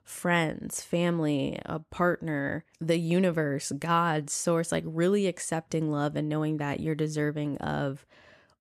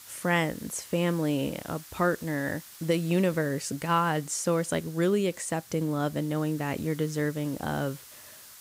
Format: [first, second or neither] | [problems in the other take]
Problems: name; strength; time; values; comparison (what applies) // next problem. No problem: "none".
first | hiss; noticeable; throughout; 20 dB below the speech